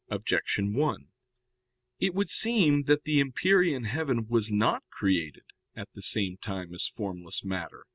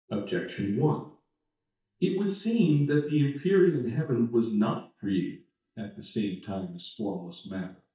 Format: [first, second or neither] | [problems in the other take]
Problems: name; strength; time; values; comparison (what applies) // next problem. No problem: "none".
first | noise reduction (neural mask model DeepFilterNet 3)